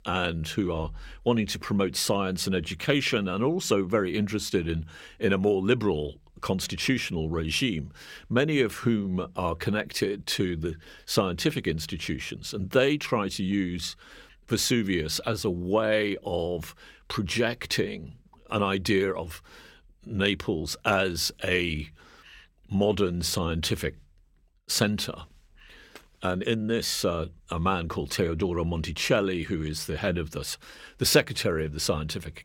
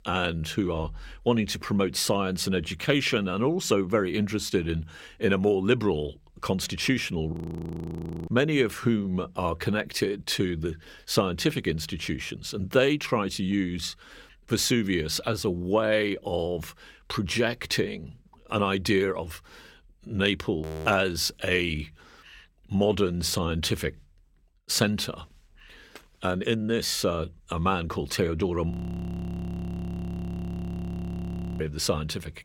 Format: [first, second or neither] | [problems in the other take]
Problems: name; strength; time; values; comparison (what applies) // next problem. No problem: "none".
first | audio freezing; at 7.5 s for 1 s, at 21 s and at 29 s for 3 s